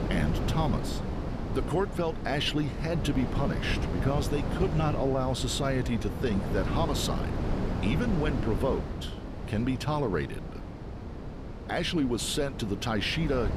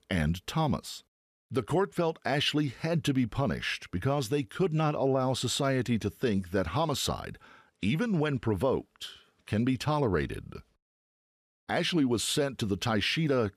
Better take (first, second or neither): second